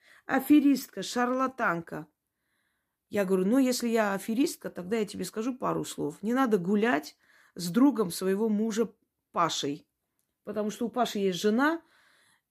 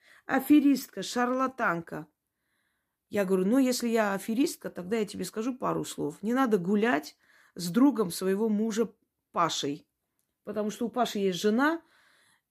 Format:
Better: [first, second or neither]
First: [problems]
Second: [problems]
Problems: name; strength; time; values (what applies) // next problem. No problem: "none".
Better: neither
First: none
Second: none